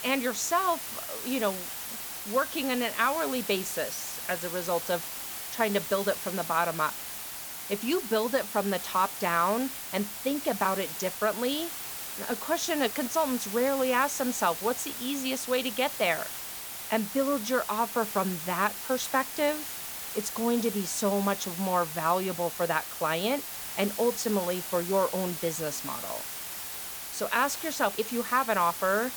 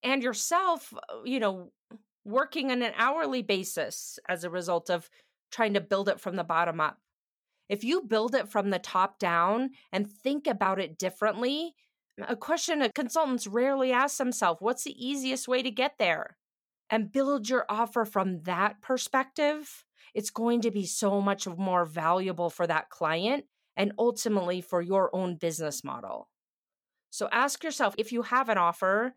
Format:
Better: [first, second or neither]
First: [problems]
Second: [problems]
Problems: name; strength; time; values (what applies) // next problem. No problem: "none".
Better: second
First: hiss; loud; throughout; 6 dB below the speech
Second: none